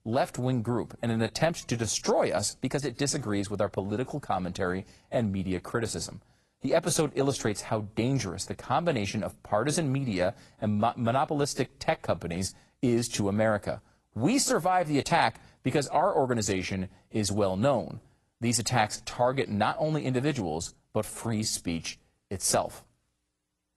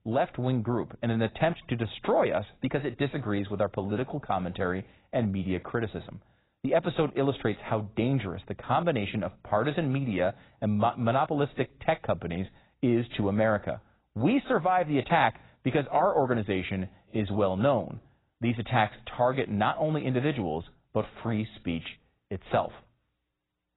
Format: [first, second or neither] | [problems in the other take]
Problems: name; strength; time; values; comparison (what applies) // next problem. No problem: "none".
first | garbled, watery; badly; nothing above 4 kHz; slightly in the first